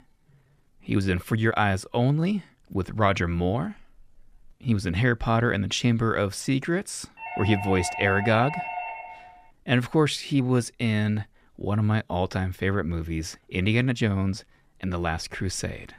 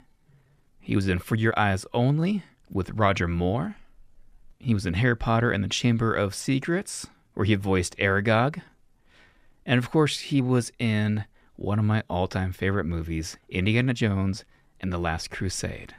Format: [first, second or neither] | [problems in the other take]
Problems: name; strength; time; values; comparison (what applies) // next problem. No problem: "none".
second | doorbell; noticeable; from 7 to 9.5 s; peak 6 dB below the speech